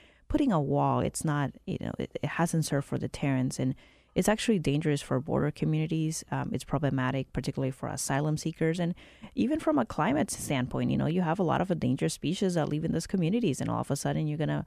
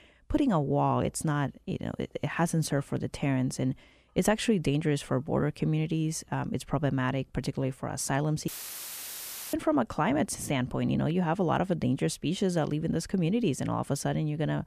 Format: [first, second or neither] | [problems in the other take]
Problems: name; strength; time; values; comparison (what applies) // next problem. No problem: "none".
first | audio cutting out; filled with static; at 8.5 s for 1 s